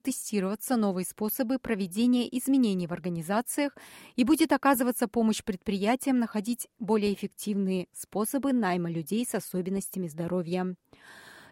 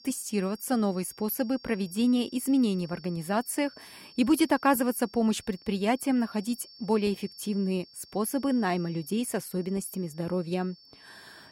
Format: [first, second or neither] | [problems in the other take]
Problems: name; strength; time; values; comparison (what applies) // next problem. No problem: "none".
first | high-pitched whine; faint; throughout; 5.5 kHz, 20 dB below the speech